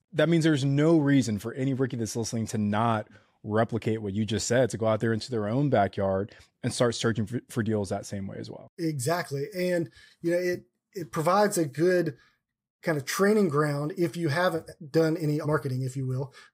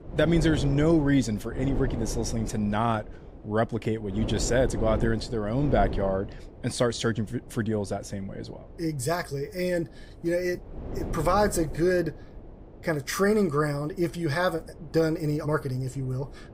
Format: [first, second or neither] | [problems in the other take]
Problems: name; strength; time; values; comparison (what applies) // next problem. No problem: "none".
first | wind noise on the microphone; occasional gusts; 15 dB below the speech